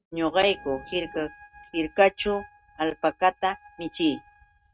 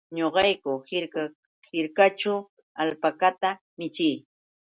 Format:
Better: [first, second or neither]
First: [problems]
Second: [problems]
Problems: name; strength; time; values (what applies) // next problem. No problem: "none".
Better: second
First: noise reduction (neural mask model RNNoise)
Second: none